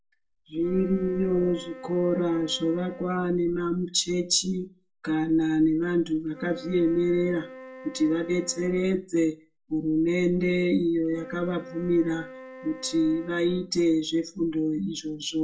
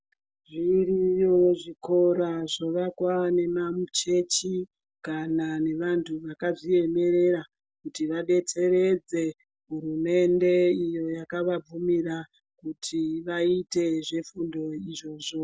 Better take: second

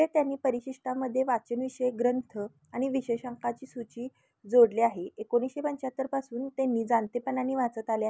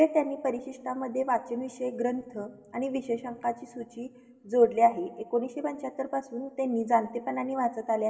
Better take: first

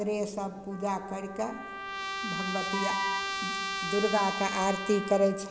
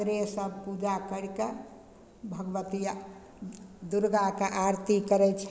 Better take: second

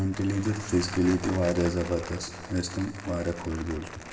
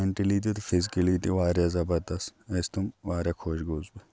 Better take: second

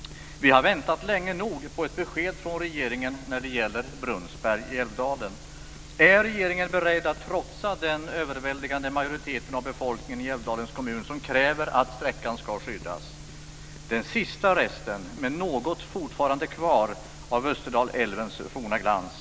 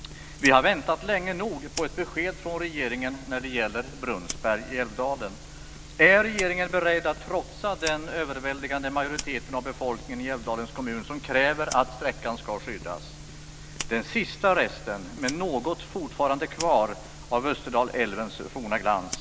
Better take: first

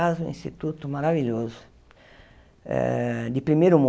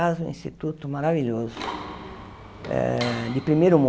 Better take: first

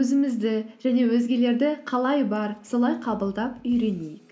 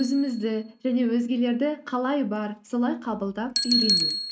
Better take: first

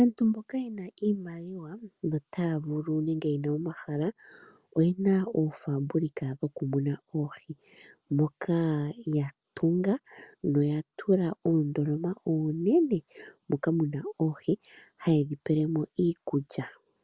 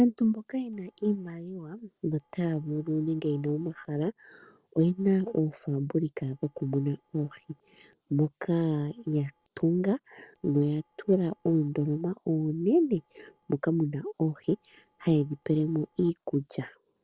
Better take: first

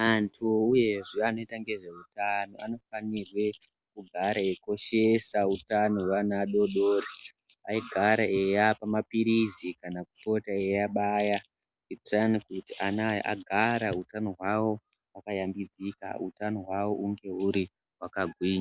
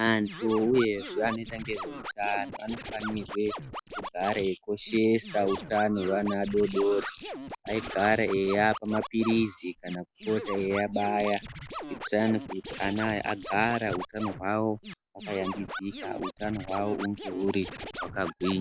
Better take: first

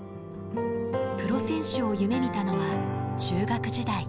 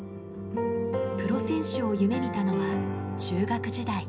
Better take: first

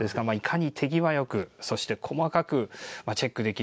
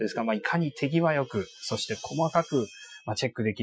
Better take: first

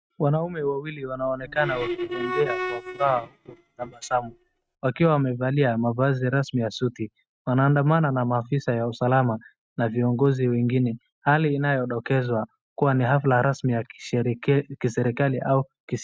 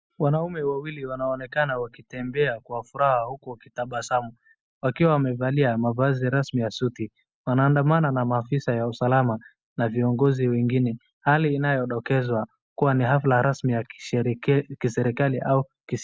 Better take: second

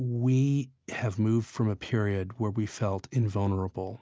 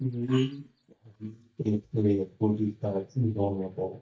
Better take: first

